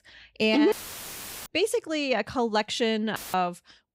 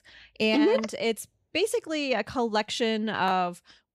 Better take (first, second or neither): second